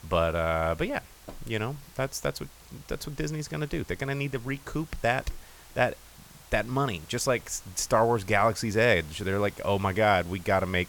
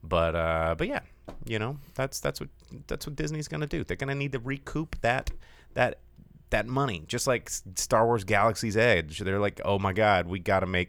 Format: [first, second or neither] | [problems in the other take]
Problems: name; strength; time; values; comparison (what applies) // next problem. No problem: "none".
second | hiss; faint; throughout; 20 dB below the speech